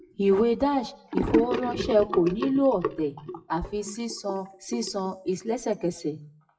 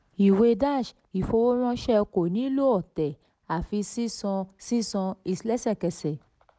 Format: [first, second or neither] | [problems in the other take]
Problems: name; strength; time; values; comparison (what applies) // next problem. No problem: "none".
second | noise reduction (classical method WPE with log-MMSE)